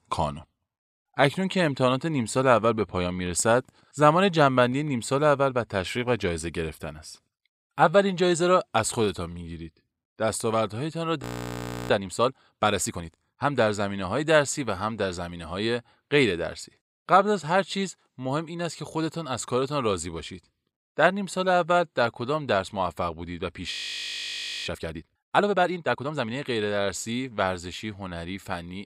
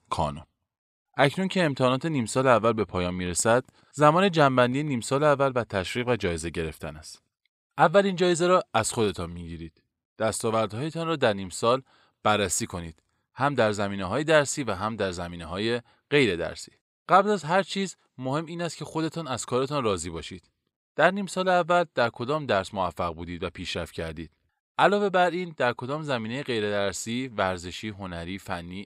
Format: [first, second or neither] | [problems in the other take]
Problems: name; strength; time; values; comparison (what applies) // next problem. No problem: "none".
second | audio freezing; at 11 s for 0.5 s and at 24 s for 1 s